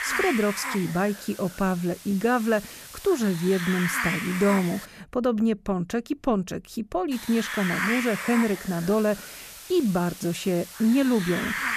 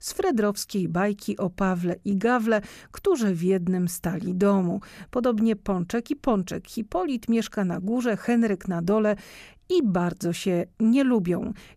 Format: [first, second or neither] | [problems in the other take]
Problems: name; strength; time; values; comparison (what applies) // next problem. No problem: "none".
second | hiss; loud; until 5 s and from 7 s on; 6 dB below the speech